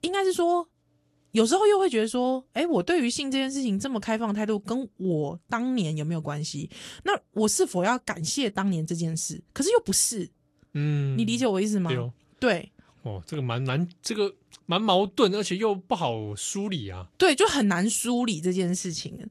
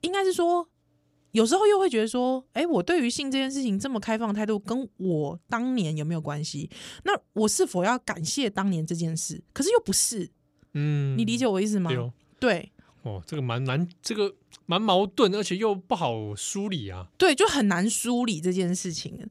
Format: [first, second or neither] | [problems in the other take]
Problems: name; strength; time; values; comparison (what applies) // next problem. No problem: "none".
second | garbled, watery; slightly; nothing above 11 kHz